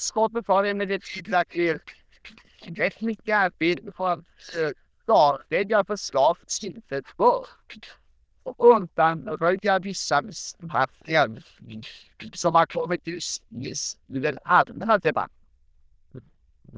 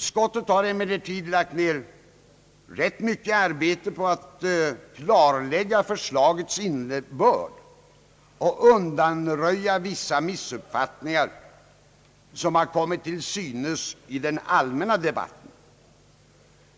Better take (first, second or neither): second